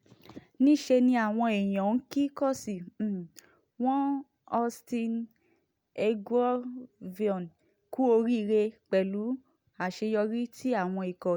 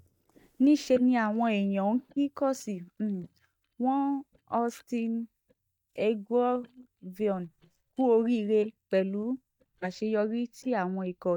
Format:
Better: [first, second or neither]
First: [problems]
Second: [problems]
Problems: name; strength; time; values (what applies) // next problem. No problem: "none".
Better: first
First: none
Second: noise reduction (neural mask model DeepFilterNet 3)